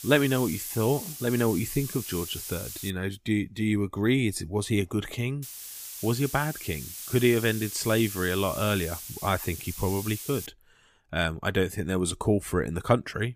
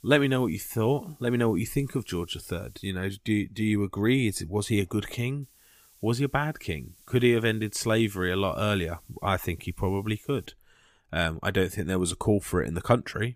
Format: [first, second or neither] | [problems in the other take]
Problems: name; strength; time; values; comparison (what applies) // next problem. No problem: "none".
second | hiss; loud; until 3 s and from 5.5 to 10 s; 9 dB below the speech; faint in the second